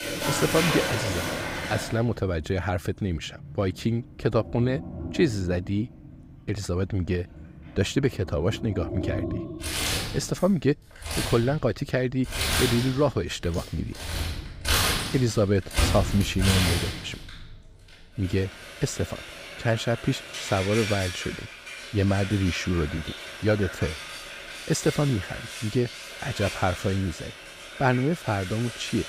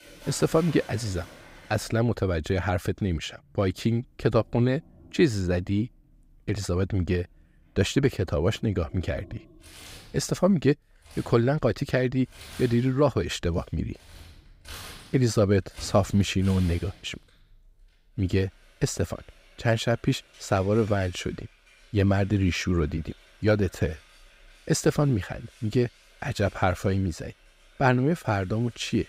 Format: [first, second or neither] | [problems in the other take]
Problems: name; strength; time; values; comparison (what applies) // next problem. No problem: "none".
second | household noises; loud; throughout; 4 dB below the speech; faint in the second